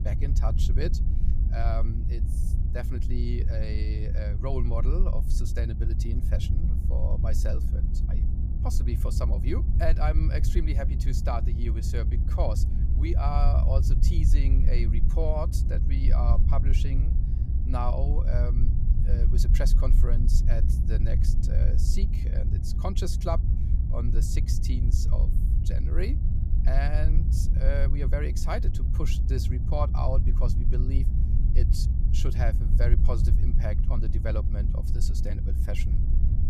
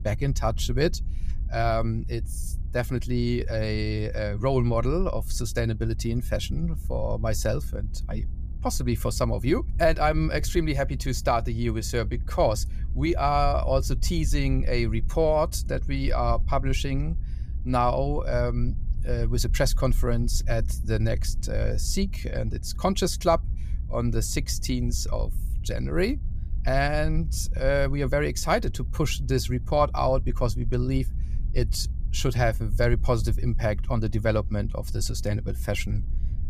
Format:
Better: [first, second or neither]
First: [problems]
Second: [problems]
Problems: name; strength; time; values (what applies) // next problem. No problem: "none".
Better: second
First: low rumble; loud; throughout; 6 dB below the speech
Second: low rumble; faint; throughout; 25 dB below the speech